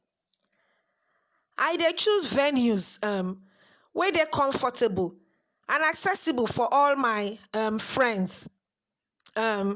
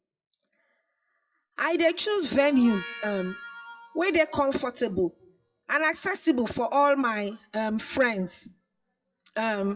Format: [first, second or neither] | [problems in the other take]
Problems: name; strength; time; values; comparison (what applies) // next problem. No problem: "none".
first | noise reduction (classical method WPE with log-MMSE)